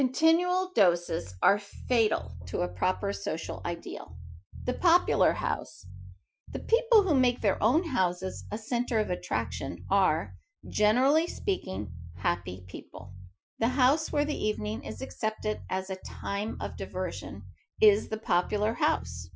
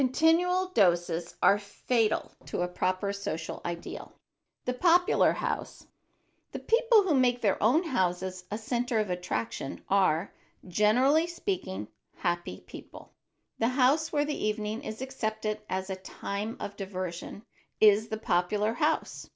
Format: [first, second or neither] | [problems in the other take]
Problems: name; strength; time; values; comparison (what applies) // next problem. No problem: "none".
second | noise reduction (classical method Wiener filter)